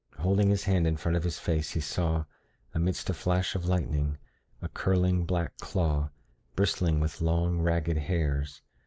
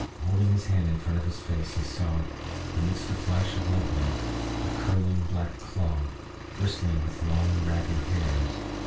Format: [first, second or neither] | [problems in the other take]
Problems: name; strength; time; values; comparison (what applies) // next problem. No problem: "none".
first | background sound (Accelerating, revving, vroom); 7 dB below the speech // room echo; dies away in 0.2 s